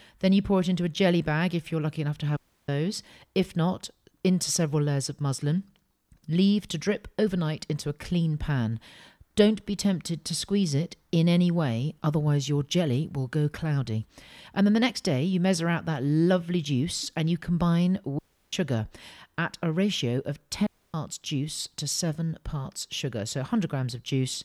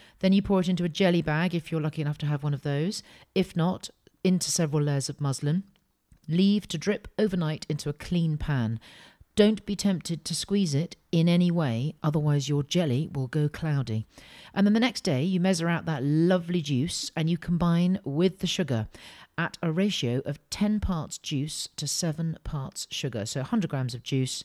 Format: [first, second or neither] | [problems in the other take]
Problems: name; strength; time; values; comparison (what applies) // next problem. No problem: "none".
second | audio cutting out; at 2.5 s, at 18 s and at 21 s